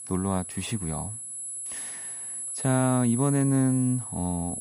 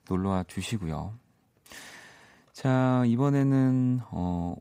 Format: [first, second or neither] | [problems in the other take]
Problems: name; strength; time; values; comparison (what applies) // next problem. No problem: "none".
second | high-pitched whine; loud; throughout; 10.5 kHz, 6 dB below the speech